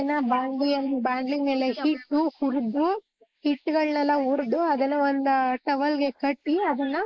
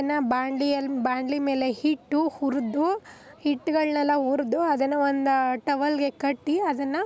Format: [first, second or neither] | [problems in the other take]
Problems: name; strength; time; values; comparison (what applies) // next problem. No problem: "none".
second | noise reduction (neural mask model Resemble Enhance denoiser)